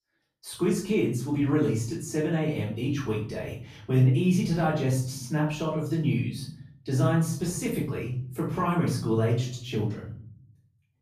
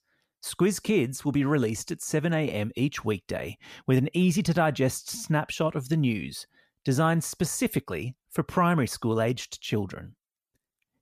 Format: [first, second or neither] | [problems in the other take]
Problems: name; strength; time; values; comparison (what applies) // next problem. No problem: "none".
second | off-mic speech; far // room echo; noticeable; dies away in 0.6 s